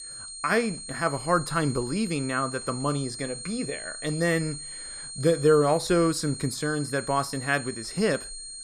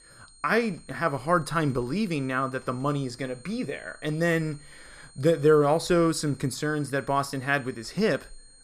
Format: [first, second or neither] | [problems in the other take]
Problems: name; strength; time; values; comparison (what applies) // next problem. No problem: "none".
second | high-pitched whine; loud; throughout; 8.5 kHz, 10 dB below the speech; faint in the second